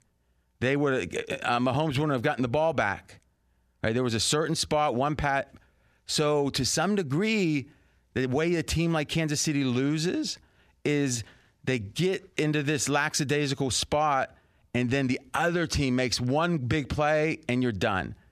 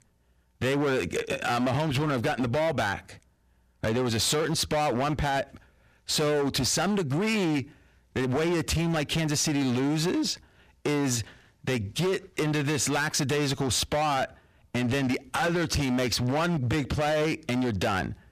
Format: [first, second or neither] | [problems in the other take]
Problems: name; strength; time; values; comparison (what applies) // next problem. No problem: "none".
first | distortion; heavy; 23% of the sound clipped